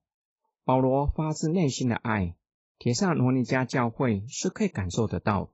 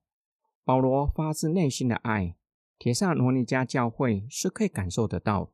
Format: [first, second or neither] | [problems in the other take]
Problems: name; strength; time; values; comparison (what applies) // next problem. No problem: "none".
second | garbled, watery; badly; nothing above 7.5 kHz